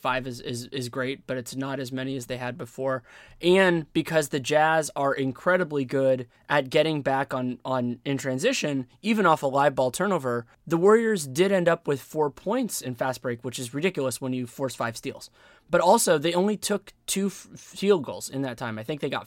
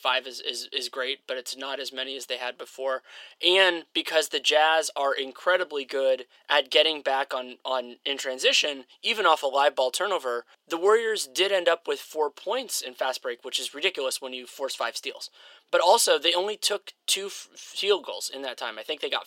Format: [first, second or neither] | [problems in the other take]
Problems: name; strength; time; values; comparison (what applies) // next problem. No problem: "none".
first | thin; very; fading below 400 Hz